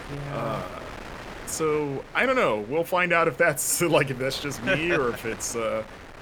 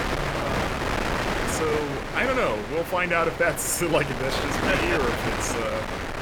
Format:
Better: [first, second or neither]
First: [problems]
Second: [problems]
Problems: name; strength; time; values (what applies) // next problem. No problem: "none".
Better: first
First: wind noise on the microphone; occasional gusts; 15 dB below the speech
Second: wind noise on the microphone; heavy; 2 dB below the speech